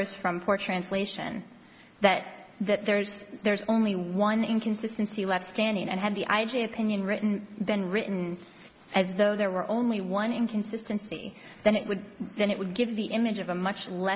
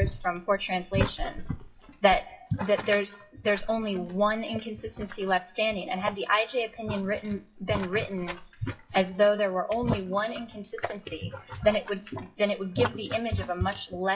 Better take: first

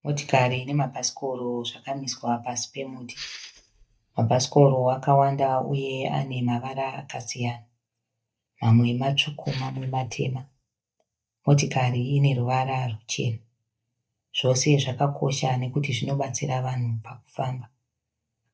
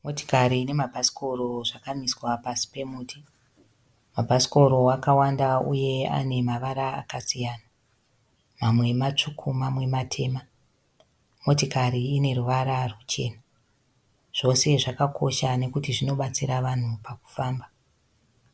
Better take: second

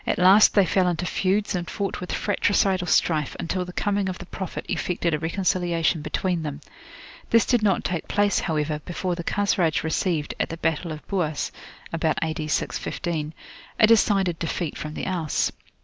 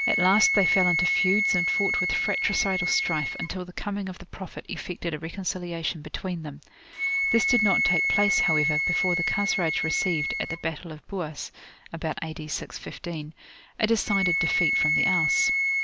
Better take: first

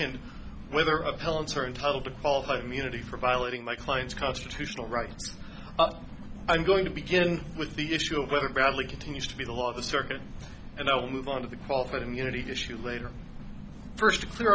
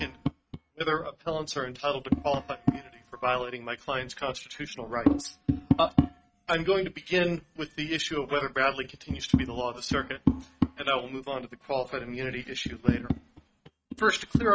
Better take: first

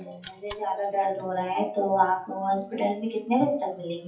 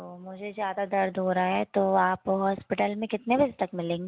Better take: second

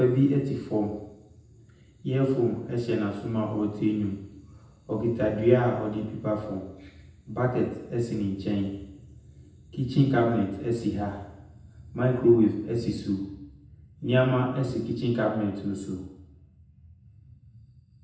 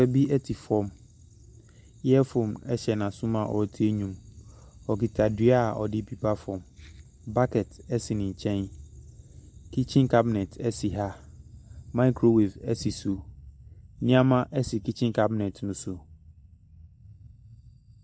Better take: second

